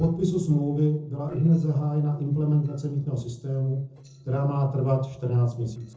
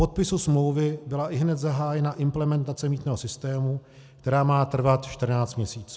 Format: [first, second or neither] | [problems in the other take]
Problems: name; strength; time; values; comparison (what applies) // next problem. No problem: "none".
second | noise reduction (neural separator model SepFormer DNS4)